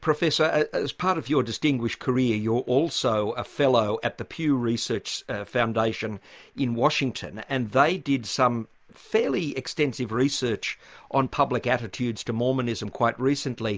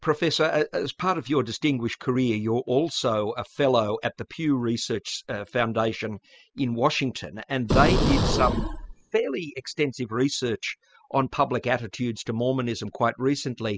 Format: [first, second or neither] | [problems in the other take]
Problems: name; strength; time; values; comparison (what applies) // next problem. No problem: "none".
first | noise reduction (classical method spectral subtraction)